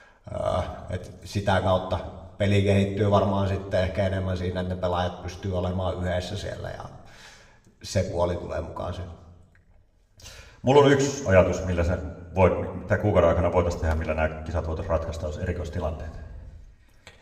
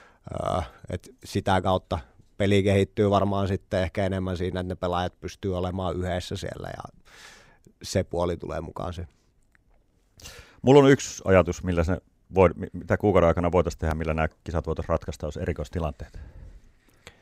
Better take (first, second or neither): second